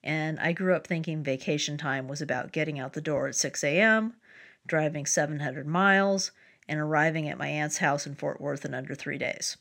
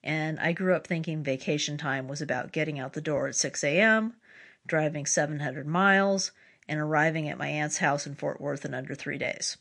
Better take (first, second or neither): first